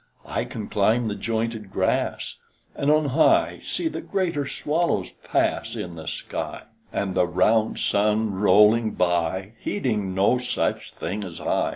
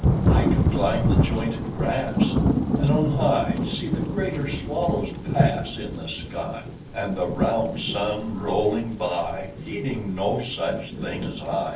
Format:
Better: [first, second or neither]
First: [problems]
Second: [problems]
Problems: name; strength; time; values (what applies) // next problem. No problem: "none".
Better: first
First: none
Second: background sound (Thunder / Rain); 1 dB above the speech // room echo; dies away in 0.3 s